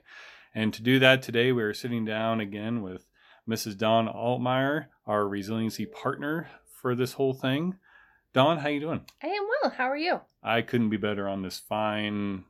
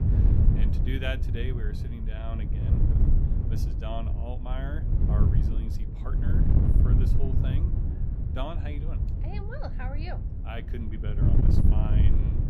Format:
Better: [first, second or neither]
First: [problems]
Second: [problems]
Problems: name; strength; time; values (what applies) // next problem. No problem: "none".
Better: first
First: none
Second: wind noise on the microphone; heavy; as loud as the speech